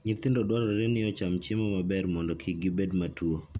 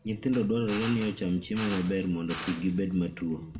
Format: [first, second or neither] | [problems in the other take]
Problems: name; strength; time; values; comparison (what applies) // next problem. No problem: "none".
first | background sound (Drill); 14 dB below the speech // room echo; dies away in 0.6 s